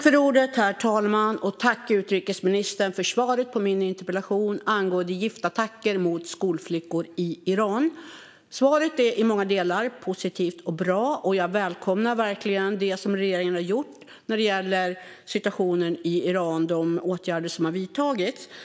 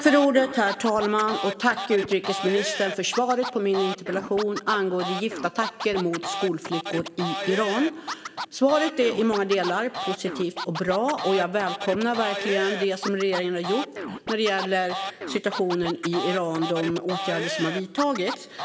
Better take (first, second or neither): first